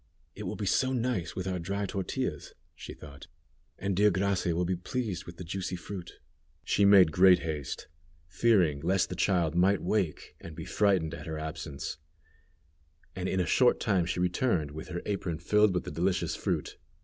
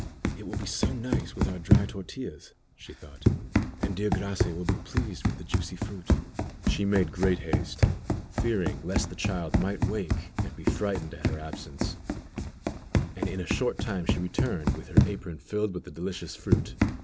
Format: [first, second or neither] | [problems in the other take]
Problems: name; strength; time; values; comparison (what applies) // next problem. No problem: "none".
first | background sound (Run); 4 dB above the speech